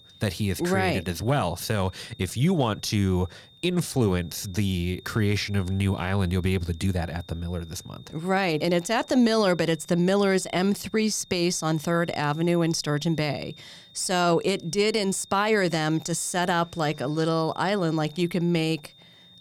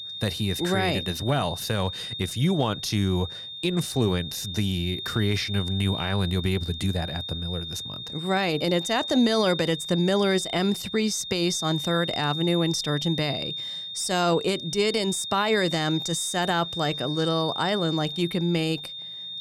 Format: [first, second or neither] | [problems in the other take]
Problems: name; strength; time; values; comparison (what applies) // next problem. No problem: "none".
first | high-pitched whine; loud; throughout; 3.5 kHz, 6 dB below the speech; faint in the first